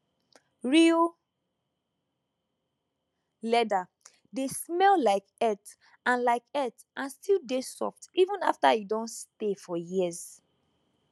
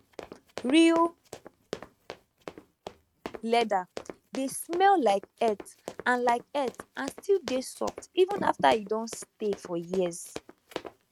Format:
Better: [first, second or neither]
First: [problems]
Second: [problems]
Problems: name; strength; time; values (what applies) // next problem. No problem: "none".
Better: first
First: none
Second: noise reduction (neural mask model RNNoise)